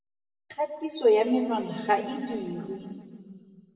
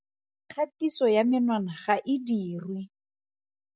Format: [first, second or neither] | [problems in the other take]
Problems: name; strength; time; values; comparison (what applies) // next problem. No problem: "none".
second | room echo; dies away in 2 s